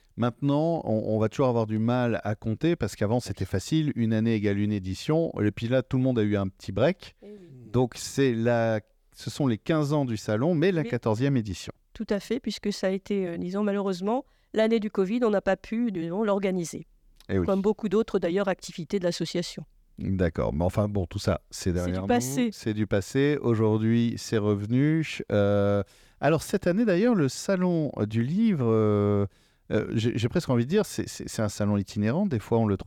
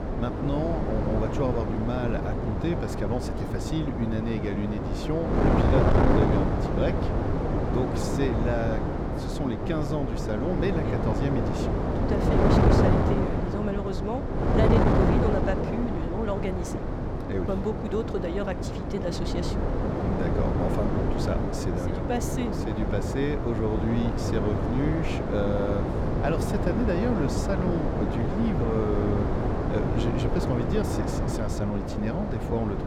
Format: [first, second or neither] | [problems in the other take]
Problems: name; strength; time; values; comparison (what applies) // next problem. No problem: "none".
first | wind noise on the microphone; heavy; 2 dB above the speech